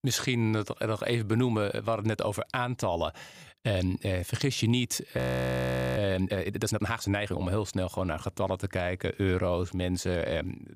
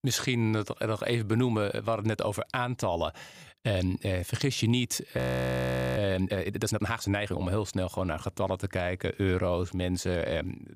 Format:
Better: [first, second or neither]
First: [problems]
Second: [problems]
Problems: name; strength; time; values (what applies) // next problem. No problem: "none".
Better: neither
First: audio freezing; at 5 s for 1 s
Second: audio freezing; at 5 s for 1 s